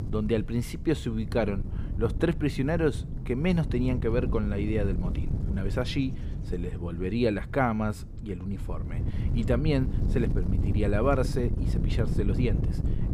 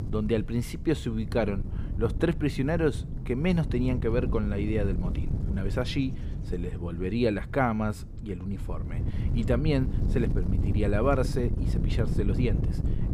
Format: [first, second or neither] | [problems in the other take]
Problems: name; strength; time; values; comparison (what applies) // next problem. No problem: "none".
neither | wind noise on the microphone; occasional gusts; 10 dB below the speech; the same in both